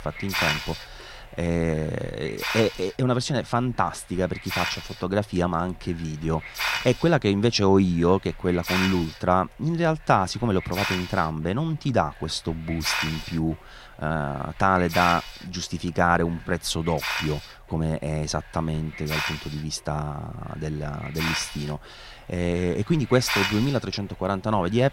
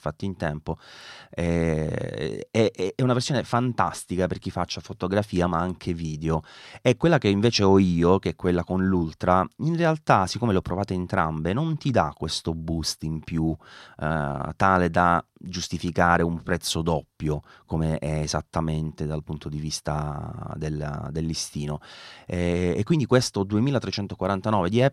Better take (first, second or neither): second